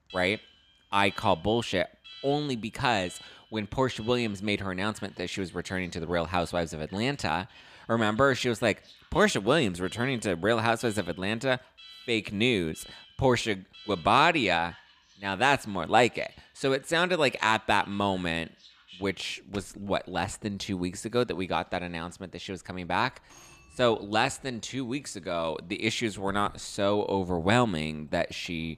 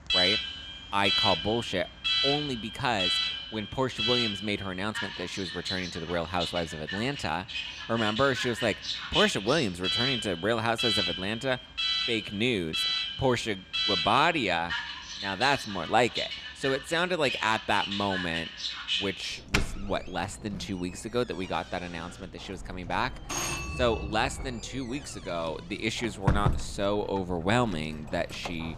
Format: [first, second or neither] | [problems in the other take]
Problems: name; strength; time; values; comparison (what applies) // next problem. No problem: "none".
first | alarms or sirens; loud; throughout; 1 dB below the speech; faint in the first